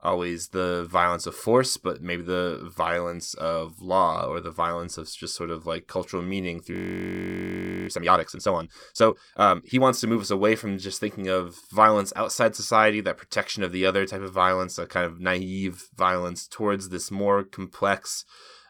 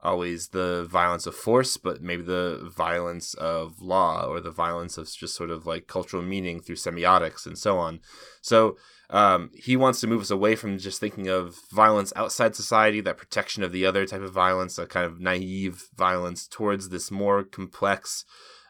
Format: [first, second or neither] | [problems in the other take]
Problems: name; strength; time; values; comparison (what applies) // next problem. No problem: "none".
second | audio freezing; at 6.5 s for 1 s